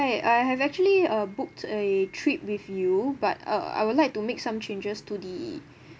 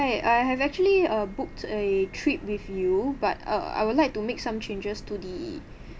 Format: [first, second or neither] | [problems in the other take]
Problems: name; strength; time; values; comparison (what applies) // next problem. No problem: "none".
first | background sound (Subway, metro, underground); 16 dB below the speech